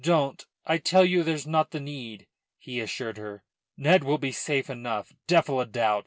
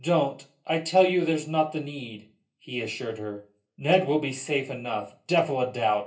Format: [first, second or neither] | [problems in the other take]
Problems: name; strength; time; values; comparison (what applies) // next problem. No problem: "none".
first | room echo; dies away in 0.3 s